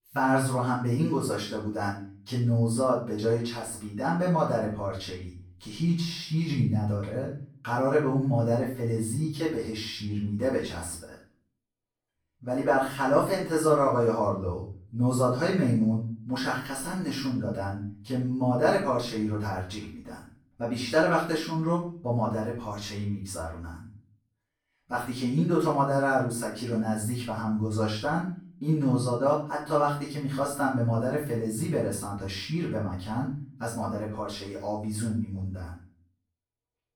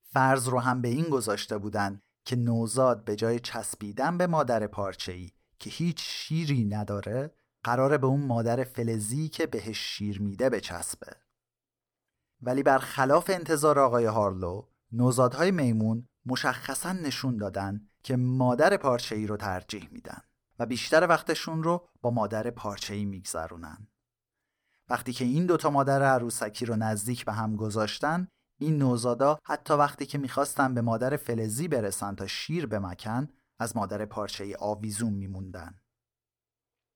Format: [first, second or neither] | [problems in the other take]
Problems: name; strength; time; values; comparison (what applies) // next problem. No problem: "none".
second | off-mic speech; far // room echo; noticeable; dies away in 0.4 s